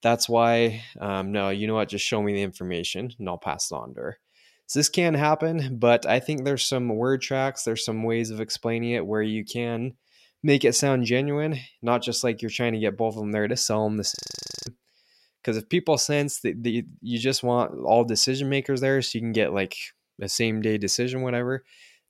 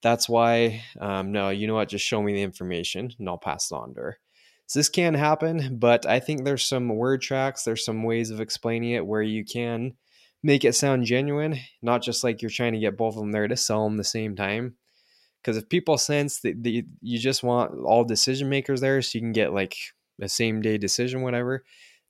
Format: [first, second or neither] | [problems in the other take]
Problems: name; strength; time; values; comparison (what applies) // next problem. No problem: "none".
second | audio freezing; at 14 s for 0.5 s